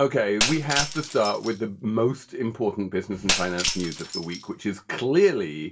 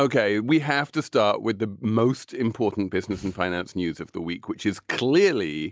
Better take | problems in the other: second | background sound (Shatter); 6 dB below the speech // room echo; dies away in 0.2 s

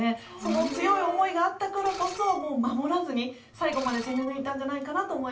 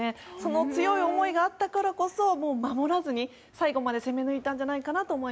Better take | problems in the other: second | background sound (Screech); 17 dB below the speech // room echo; dies away in 0.3 s

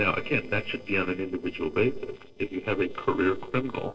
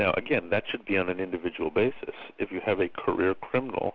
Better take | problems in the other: second | noise reduction (neural separator model SepFormer DNS4)

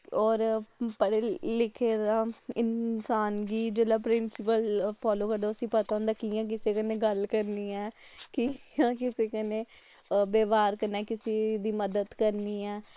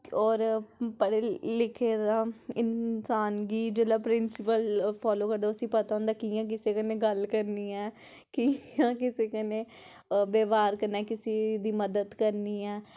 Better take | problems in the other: second | noise reduction (neural separator model SepFormer WHAM!)

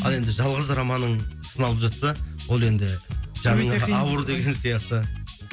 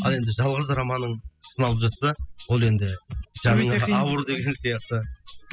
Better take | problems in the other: first | noise reduction (classical method spectral subtraction)

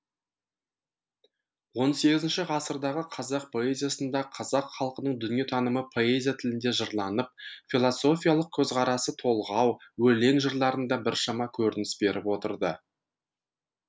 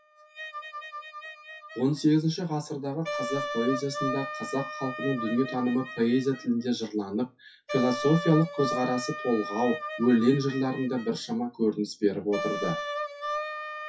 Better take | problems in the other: first | noise reduction (classical method WPE with log-MMSE)

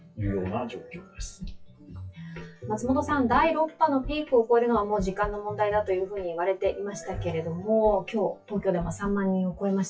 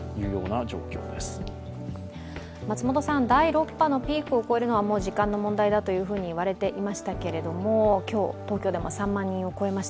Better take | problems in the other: second | noise reduction (classical method WPE with log-MMSE)

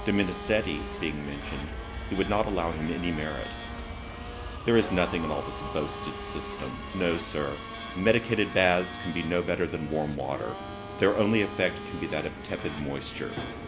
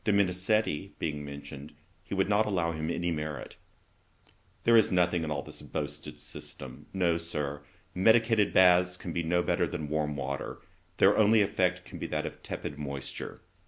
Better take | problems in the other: second | background sound (Domestic sounds, home sounds + Subway, metro, underground); 8 dB below the speech

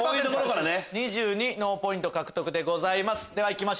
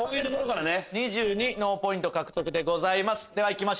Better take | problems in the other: first | noise reduction (neural separator model SepFormer DNS4)

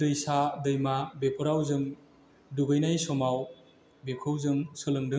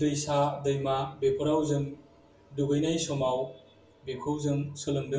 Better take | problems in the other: first | room echo; dies away in 0.3 s

